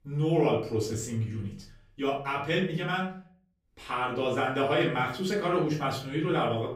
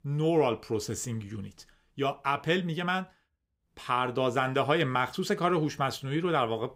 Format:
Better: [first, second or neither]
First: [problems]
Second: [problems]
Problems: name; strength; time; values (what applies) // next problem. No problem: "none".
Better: second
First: off-mic speech; far // room echo; slight; dies away in 0.4 s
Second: none